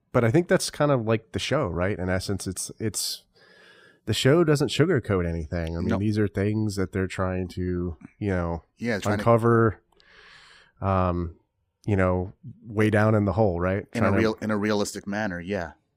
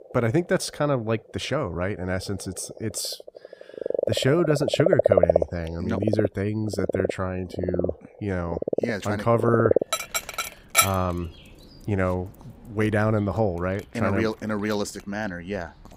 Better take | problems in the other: first | animal sounds; very loud; throughout; 1 dB above the speech

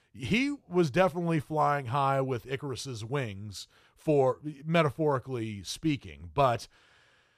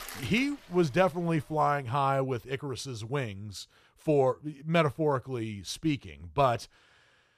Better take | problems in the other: first | household noises; noticeable; until 1.5 s; 20 dB below the speech

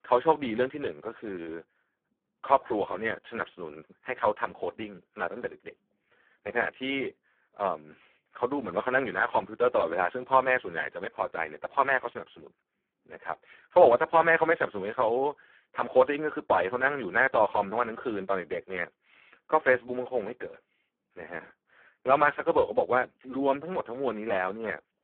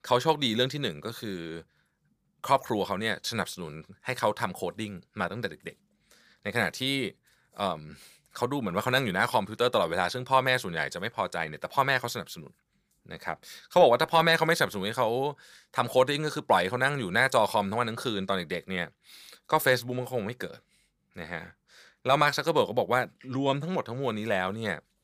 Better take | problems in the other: second | phone-call audio; poor line

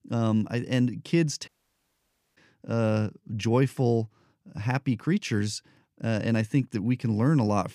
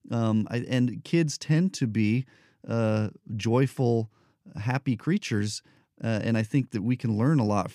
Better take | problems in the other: second | audio cutting out; at 1.5 s for 1 s

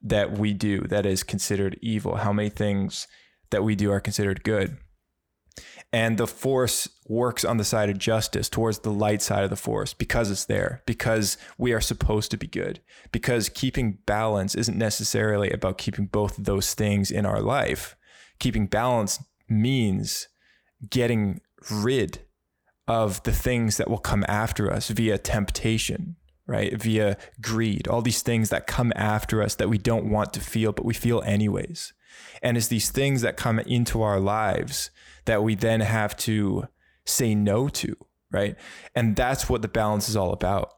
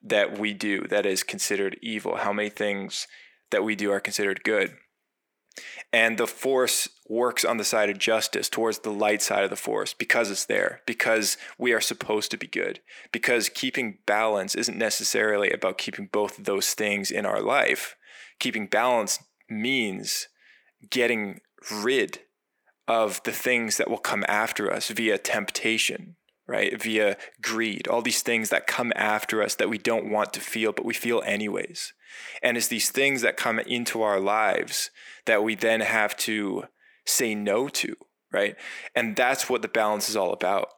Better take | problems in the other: first | thin; somewhat; fading below 300 Hz

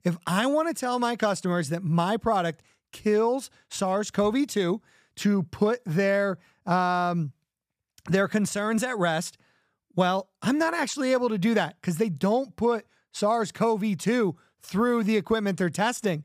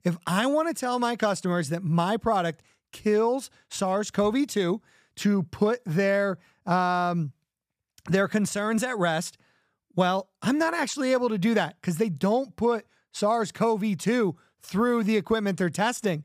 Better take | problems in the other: neither | none

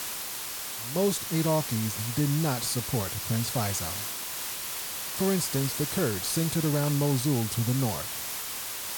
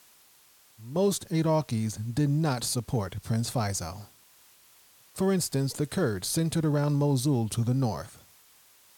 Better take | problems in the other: second | hiss; loud; throughout; 3 dB below the speech; faint in the second

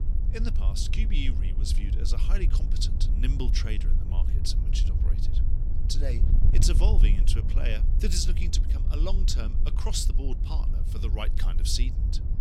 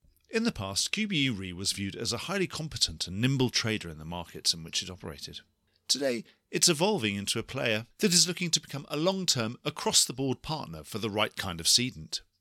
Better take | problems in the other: second | wind noise on the microphone; heavy; 9 dB below the speech

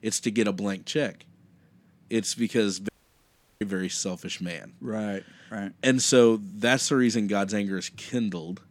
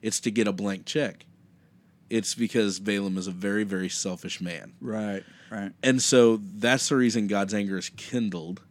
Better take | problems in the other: second | audio cutting out; at 3 s for 0.5 s

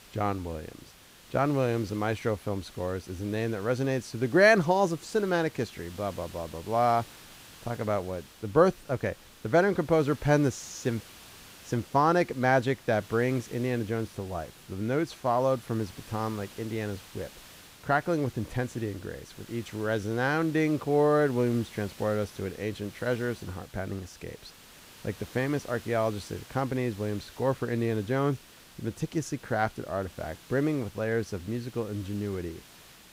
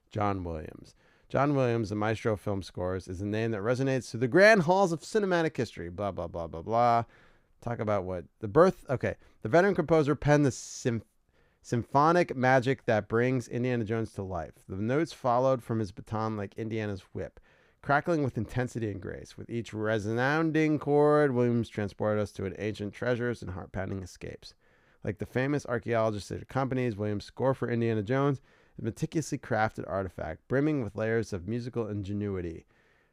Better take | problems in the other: second | hiss; faint; throughout; 20 dB below the speech

